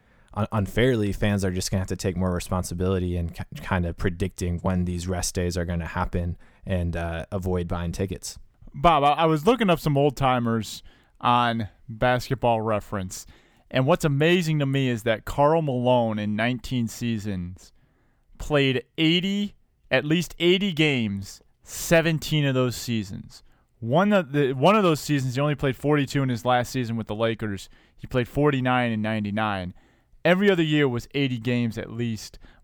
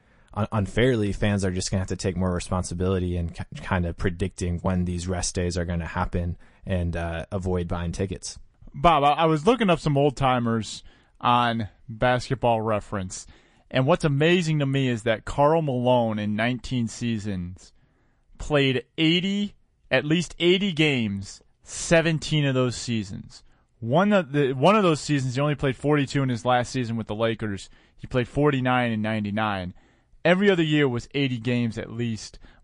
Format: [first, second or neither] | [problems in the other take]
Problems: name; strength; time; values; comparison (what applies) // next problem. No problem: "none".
first | garbled, watery; slightly; nothing above 10 kHz